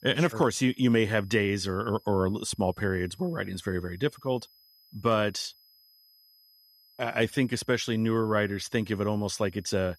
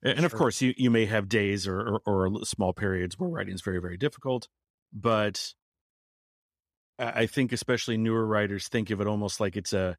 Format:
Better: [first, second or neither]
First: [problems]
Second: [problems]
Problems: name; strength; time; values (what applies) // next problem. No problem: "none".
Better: second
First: high-pitched whine; faint; throughout; 5 kHz, 30 dB below the speech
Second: none